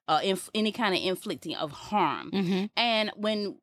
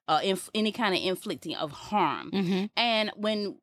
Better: neither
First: none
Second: none

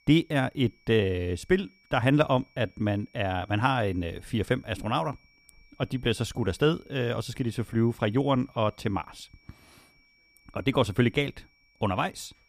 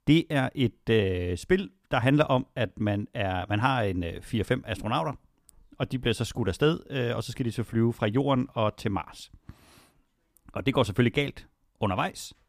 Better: second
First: high-pitched whine; faint; throughout; 2.5 kHz, 35 dB below the speech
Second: none

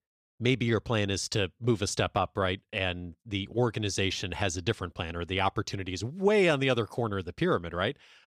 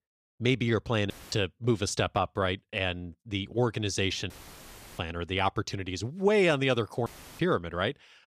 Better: first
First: none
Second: audio cutting out; filled with static; at 1 s, at 4.5 s for 0.5 s and at 7 s

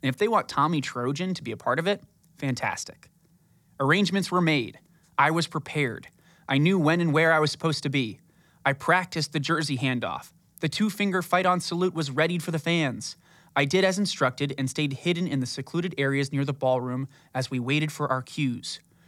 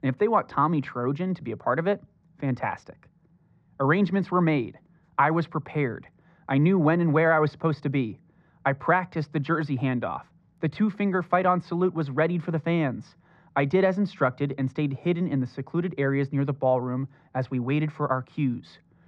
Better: first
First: none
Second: muffled; very; fading above 1.5 kHz

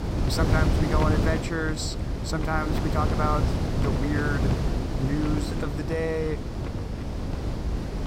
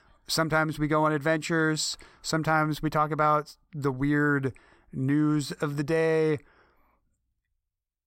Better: second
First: wind noise on the microphone; heavy; 3 dB below the speech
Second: none

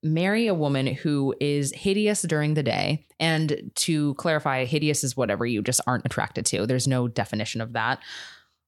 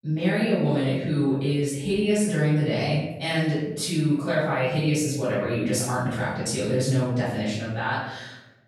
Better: first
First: none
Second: room echo; noticeable; dies away in 0.9 s // off-mic speech; far

